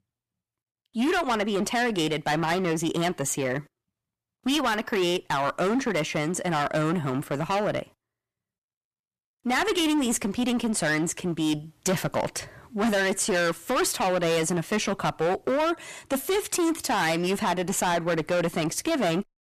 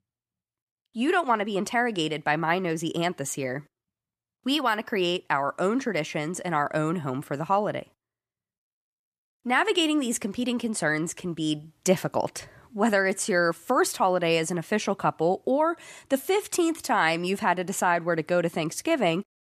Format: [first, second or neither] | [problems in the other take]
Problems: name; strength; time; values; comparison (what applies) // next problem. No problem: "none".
second | distortion; heavy; 16% of the sound clipped